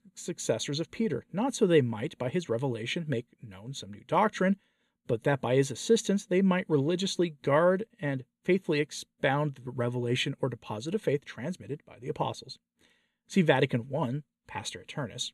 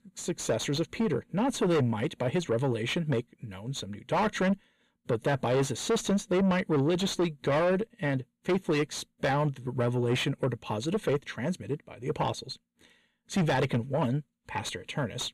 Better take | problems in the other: first | distortion; heavy; 7 dB below the speech

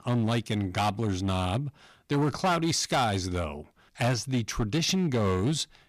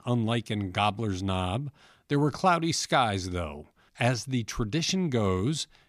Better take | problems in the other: second | distortion; slight; 10% of the sound clipped

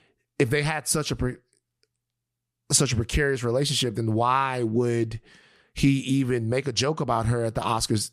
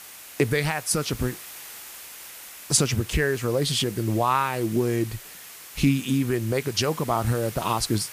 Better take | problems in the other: first | hiss; noticeable; throughout; 15 dB below the speech

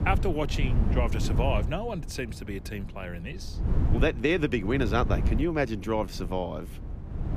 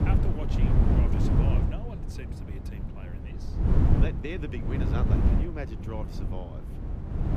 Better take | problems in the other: first | wind noise on the microphone; heavy; 3 dB above the speech; occasional gusts in the first

